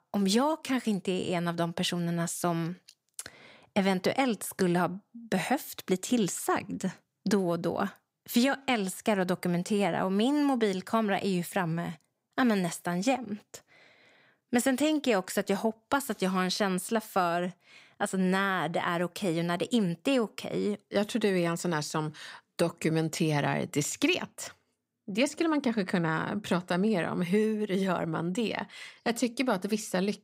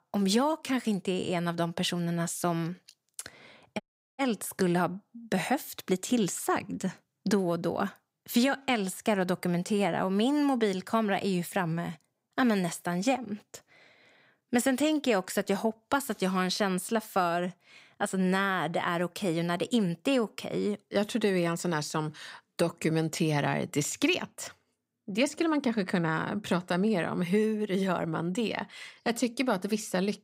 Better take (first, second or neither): first